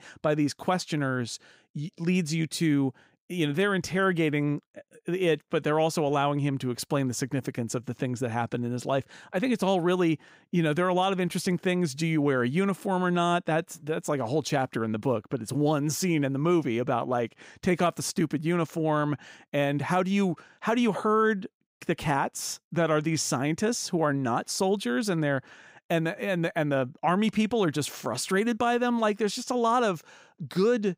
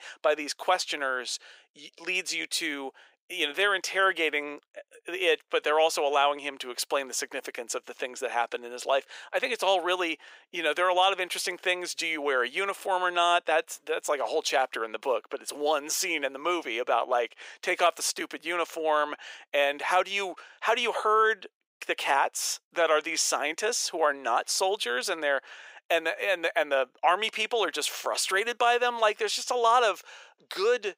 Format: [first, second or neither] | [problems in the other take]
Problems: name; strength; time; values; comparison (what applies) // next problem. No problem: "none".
first | thin; very; fading below 450 Hz